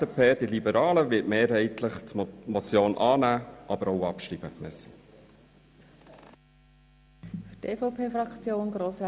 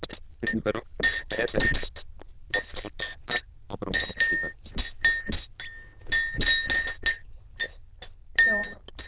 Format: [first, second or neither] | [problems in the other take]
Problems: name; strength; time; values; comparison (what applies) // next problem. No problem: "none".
first | noise reduction (neural diffusion model UNIVERSE++)